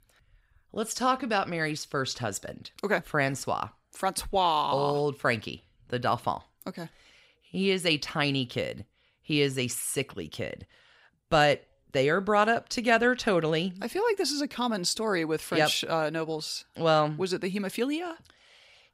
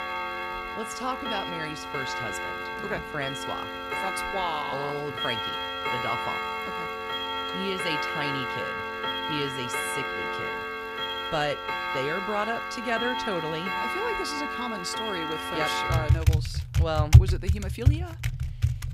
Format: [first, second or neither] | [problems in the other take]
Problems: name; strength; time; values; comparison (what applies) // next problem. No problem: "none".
first | household noises; very loud; throughout; 5 dB above the speech